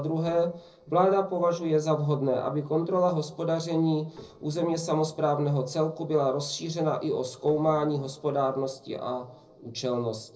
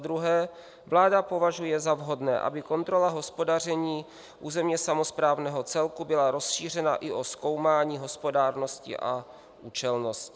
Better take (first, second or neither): second